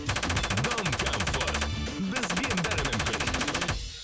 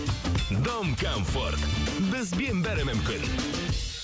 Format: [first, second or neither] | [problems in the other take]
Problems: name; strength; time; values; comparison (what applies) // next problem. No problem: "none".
second | background sound (Gunshot, gunfire); 1 dB above the speech